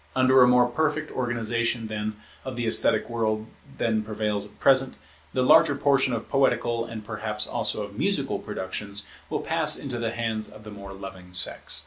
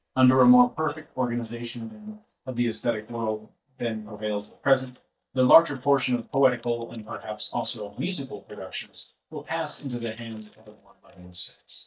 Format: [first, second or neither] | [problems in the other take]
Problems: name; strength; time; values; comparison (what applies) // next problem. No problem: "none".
first | noise reduction (neural mask model DeepFilterNet 3)